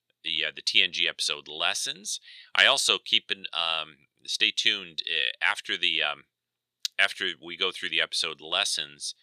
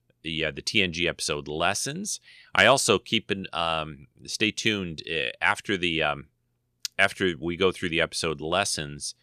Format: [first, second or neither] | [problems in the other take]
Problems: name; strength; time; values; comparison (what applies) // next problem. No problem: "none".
second | thin; somewhat; fading below 1 kHz